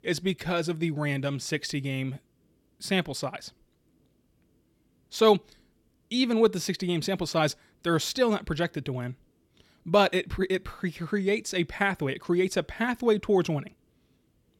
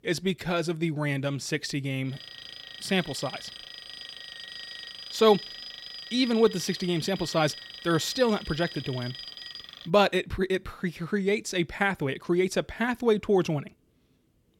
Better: first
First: none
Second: alarm; faint; from 2 to 10 s; peak 10 dB below the speech

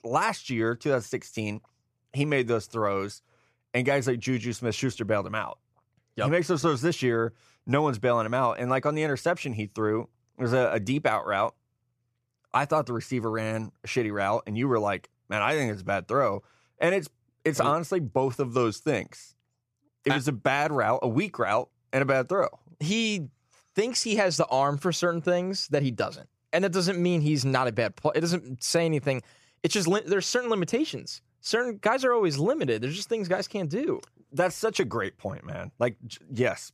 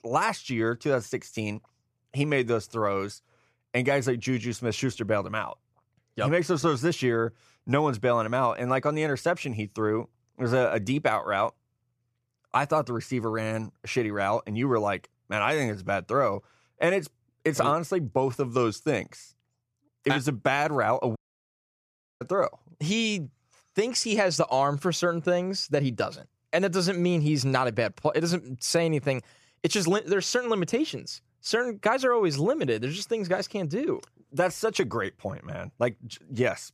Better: first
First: none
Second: audio cutting out; at 21 s for 1 s

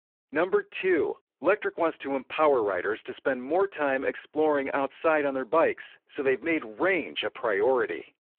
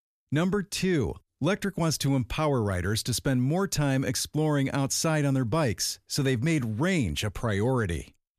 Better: second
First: phone-call audio; poor line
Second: none

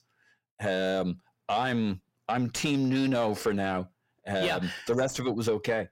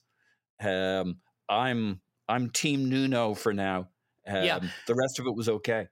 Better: second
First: distortion; slight; 10 dB below the speech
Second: none

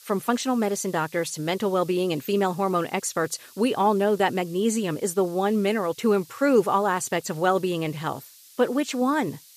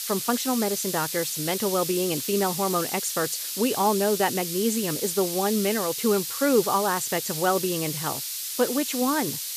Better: first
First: hiss; faint; throughout; 25 dB below the speech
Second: hiss; loud; throughout; 3 dB below the speech

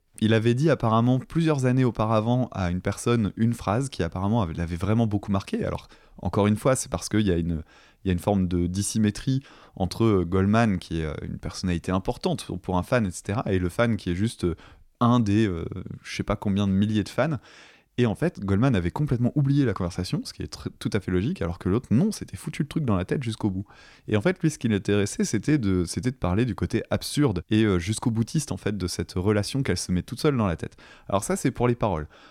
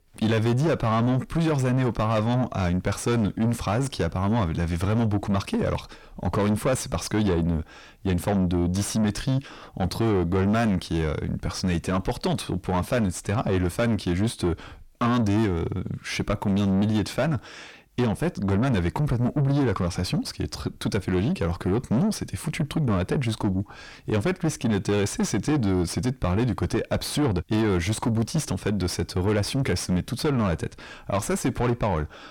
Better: first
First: none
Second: distortion; heavy; 7 dB below the speech

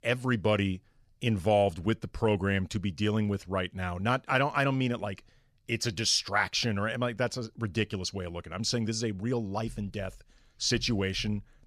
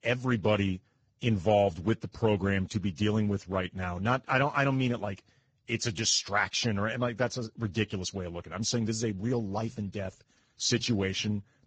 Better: first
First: none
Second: garbled, watery; badly

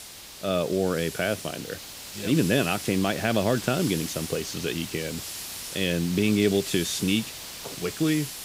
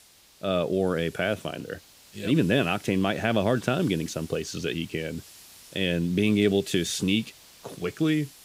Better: second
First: hiss; loud; throughout; 9 dB below the speech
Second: hiss; faint; throughout; 20 dB below the speech

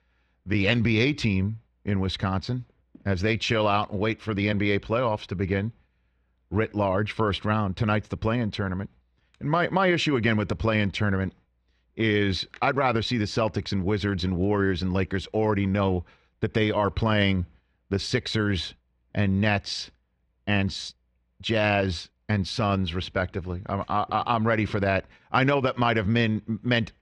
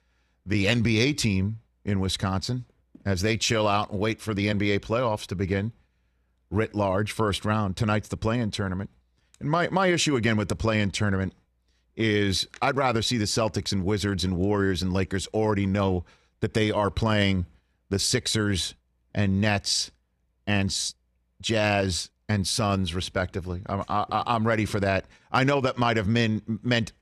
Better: second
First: muffled; very slightly; fading above 3 kHz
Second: none

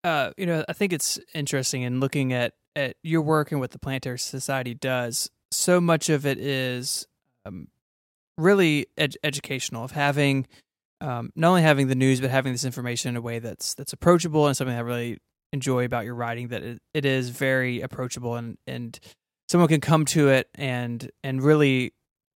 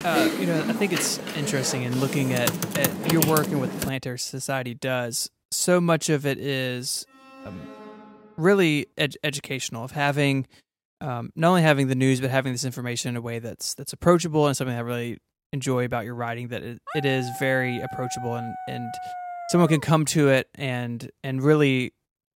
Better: first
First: none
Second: keyboard typing; loud; until 4 s; peak 1 dB above the speech // alarm; faint; from 7 to 8.5 s; peak 20 dB below the speech // dog barking; noticeable; from 17 to 20 s; peak 10 dB below the speech

